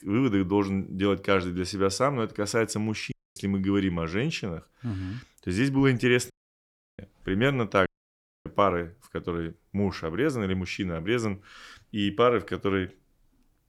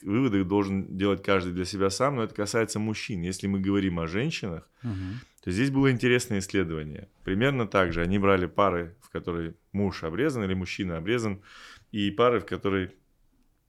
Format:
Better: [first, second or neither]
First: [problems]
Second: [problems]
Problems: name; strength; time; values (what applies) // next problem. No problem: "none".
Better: second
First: audio cutting out; at 3 s, at 6.5 s for 0.5 s and at 8 s for 0.5 s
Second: none